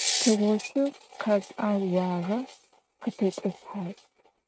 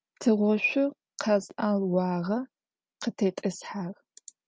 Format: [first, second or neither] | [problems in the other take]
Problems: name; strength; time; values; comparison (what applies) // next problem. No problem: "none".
second | noise reduction (neural mask model RNNoise)